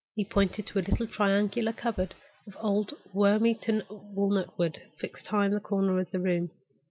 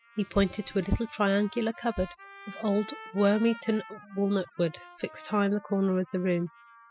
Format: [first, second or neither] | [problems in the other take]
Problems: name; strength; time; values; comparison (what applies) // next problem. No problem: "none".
first | noise reduction (classical method spectral subtraction)